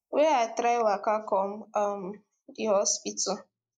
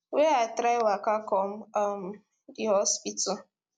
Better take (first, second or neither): second